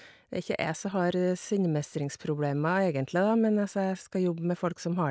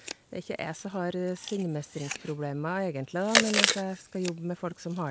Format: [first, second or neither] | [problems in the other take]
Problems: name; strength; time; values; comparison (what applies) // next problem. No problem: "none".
first | background sound (Chewing, mastication); 1 dB below the speech